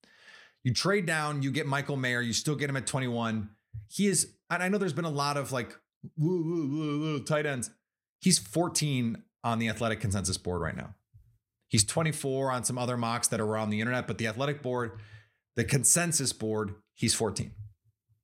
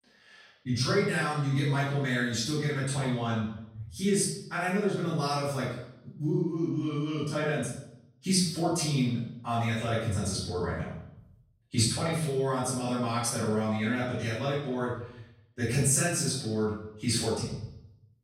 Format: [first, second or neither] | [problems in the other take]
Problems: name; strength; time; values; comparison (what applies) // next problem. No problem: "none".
first | off-mic speech; far // room echo; noticeable; dies away in 0.7 s